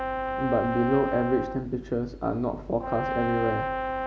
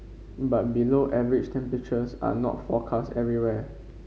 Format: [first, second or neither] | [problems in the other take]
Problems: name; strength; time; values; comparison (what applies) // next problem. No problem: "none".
second | background sound (Brass instrument); 3 dB below the speech